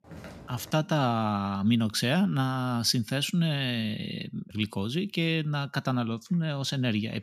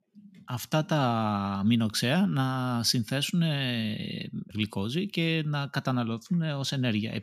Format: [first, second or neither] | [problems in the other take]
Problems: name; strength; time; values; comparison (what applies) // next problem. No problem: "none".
second | footsteps; faint; at the start; peak 15 dB below the speech